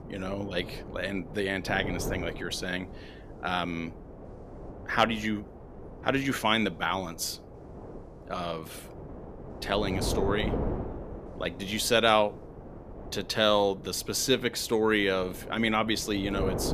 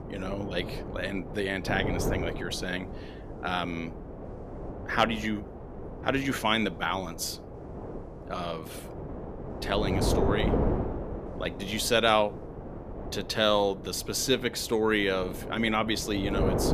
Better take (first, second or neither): first